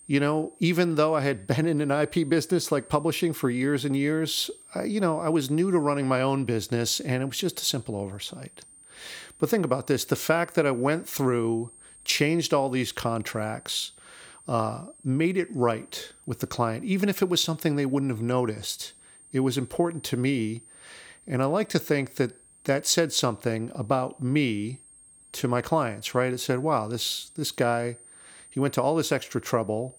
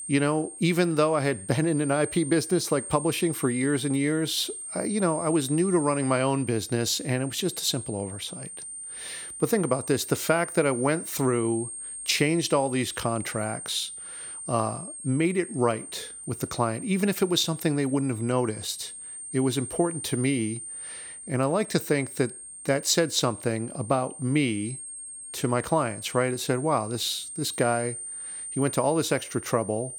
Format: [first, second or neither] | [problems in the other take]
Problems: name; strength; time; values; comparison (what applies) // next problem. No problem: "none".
first | high-pitched whine; loud; throughout; 9 kHz, 10 dB below the speech; faint in the first